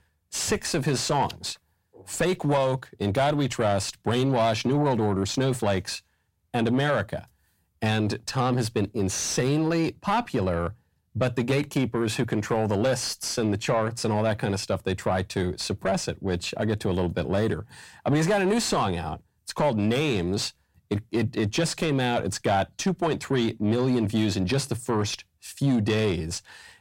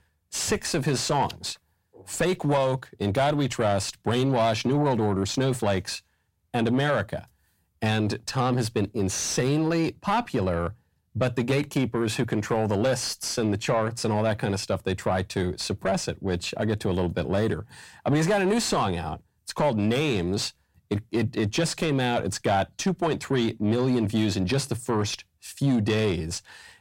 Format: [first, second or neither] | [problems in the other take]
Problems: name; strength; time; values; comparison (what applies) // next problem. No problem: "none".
neither | distortion; slight; 10 dB below the speech; the same in both